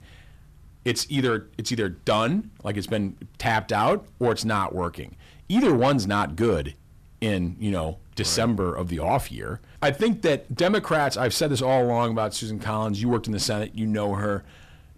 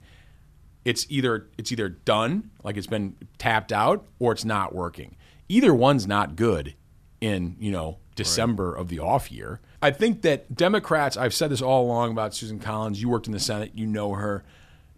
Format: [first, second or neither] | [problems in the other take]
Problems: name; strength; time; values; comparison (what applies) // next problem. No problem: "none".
second | distortion; slight; 10 dB below the speech